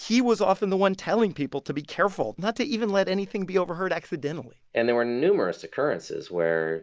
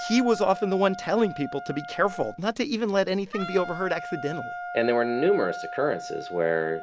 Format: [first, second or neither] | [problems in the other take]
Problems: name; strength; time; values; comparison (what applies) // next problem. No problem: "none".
first | background sound (Wind instrument, woodwind instrument); 11 dB below the speech